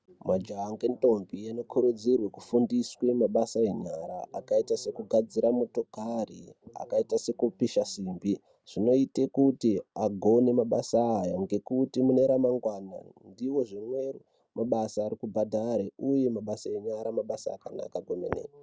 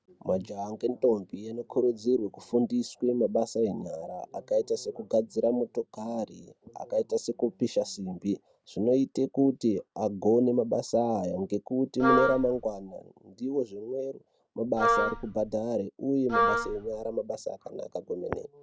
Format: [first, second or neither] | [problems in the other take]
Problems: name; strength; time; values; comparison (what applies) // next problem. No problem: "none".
first | background sound (Wind instrument, woodwind instrument); as loud as the speech